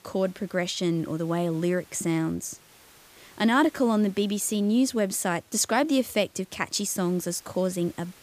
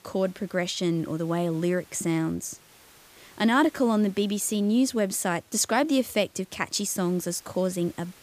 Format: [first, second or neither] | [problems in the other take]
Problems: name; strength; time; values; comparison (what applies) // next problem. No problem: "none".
neither | hiss; faint; throughout; 25 dB below the speech; the same in both